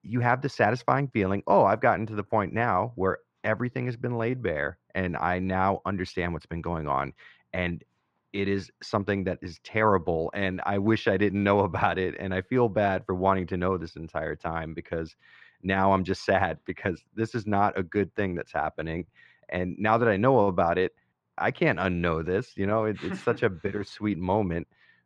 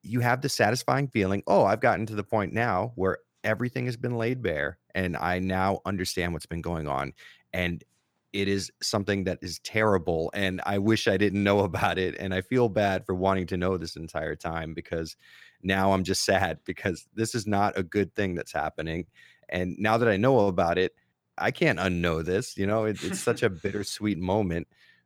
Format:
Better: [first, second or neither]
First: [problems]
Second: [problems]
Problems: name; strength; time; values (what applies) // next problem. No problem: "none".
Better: second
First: muffled; slightly; fading above 3 kHz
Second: none